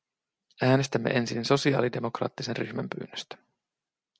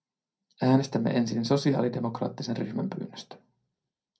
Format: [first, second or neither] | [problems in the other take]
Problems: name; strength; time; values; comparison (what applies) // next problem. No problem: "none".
first | room echo; dies away in 0.3 s